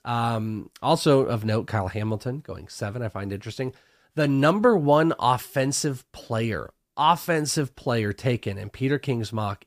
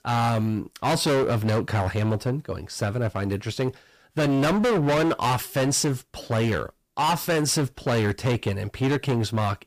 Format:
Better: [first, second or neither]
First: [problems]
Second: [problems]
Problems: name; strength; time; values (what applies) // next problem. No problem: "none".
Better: first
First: none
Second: distortion; heavy; 20% of the sound clipped